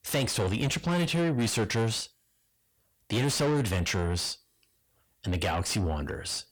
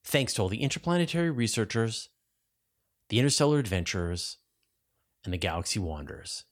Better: second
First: distortion; heavy; 6 dB below the speech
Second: none

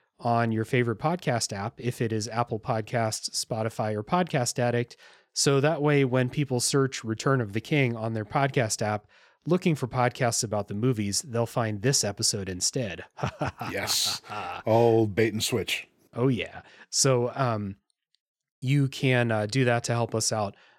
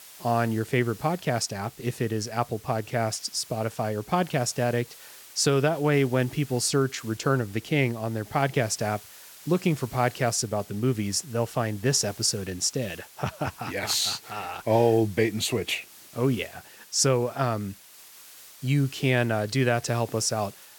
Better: first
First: none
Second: hiss; faint; throughout; 20 dB below the speech

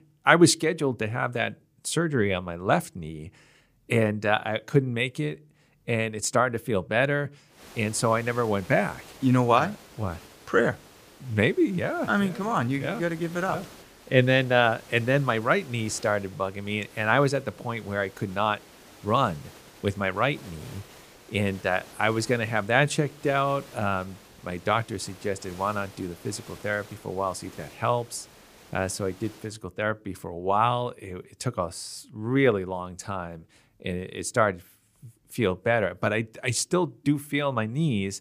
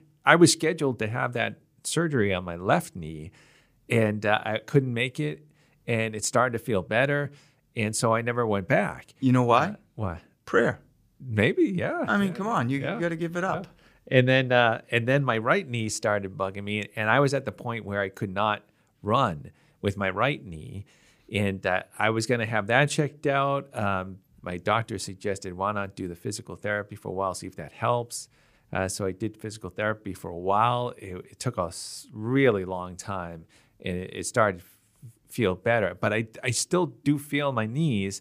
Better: second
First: hiss; faint; from 7.5 to 29 s; 20 dB below the speech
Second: none

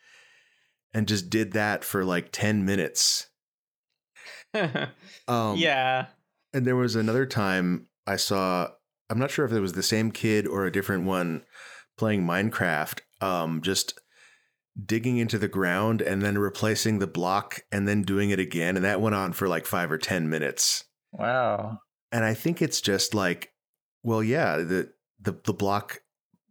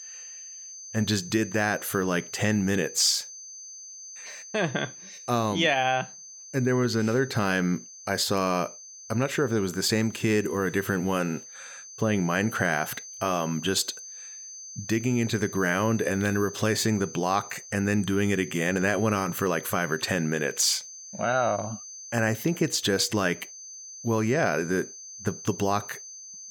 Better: first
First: none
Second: high-pitched whine; noticeable; throughout; 6 kHz, 15 dB below the speech

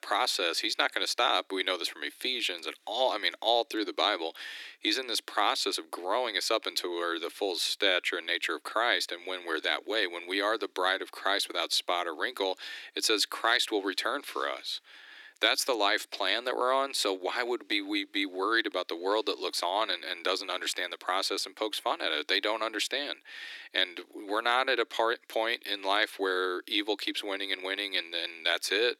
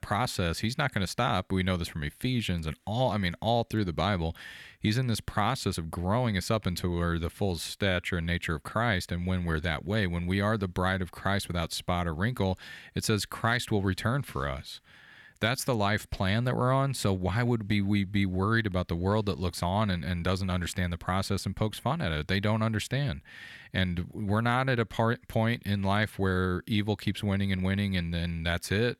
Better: second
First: thin; very; fading below 300 Hz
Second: none

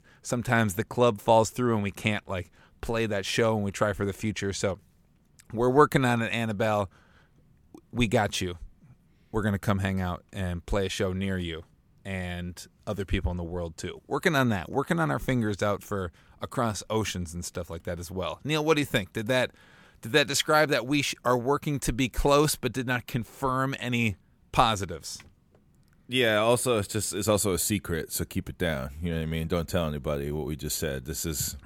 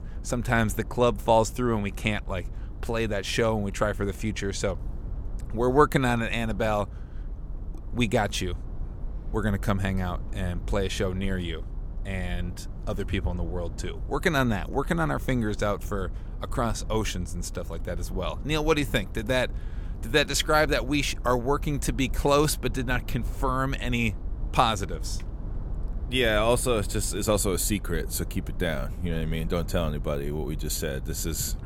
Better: first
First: none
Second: low rumble; faint; throughout; 25 dB below the speech

